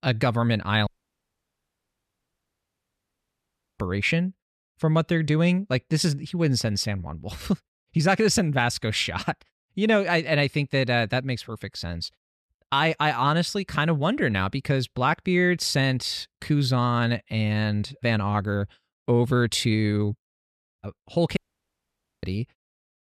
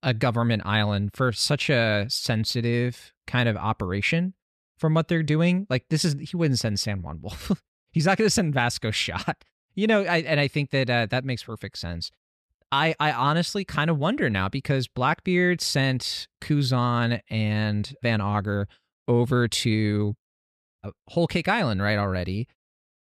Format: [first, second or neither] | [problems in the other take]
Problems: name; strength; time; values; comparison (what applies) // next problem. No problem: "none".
second | audio cutting out; at 1 s for 3 s and at 21 s for 1 s